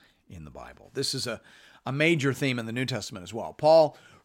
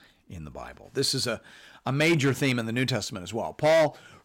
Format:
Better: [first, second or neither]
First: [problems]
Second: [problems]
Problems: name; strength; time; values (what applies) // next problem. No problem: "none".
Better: first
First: none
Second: distortion; heavy; 5% of the sound clipped